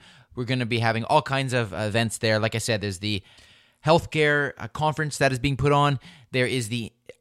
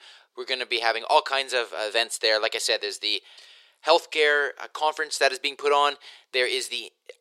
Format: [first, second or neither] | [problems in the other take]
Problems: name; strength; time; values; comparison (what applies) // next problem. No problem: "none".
first | thin; very; fading below 400 Hz